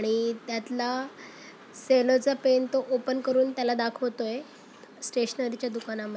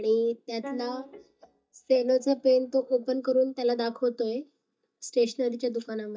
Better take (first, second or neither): first